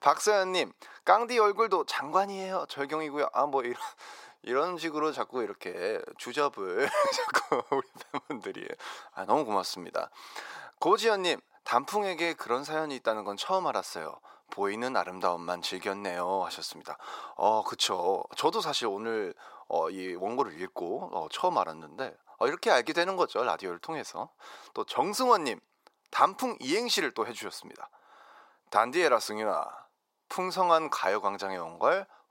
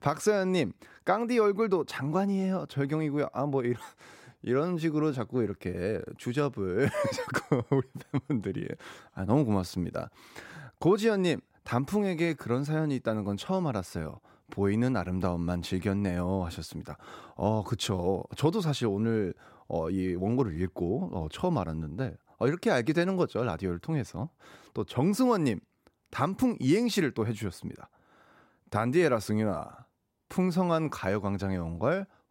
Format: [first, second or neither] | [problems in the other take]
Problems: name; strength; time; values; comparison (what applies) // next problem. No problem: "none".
second | thin; very; fading below 600 Hz